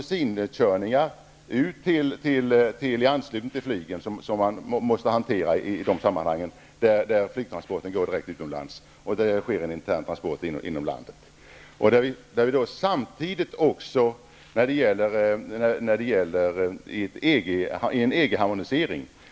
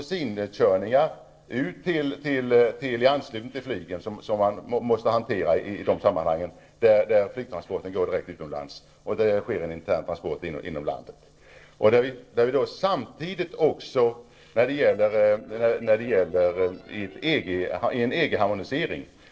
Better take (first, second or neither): first